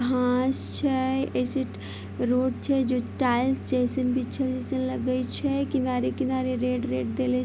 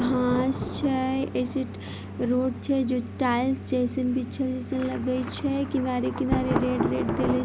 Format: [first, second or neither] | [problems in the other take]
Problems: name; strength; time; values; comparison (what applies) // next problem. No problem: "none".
first | background sound (Thunder); 8 dB below the speech